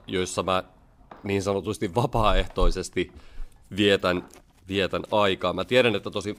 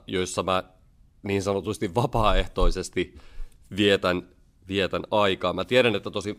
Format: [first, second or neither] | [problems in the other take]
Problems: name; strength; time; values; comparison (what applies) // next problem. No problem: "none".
second | household noises; faint; throughout; 30 dB below the speech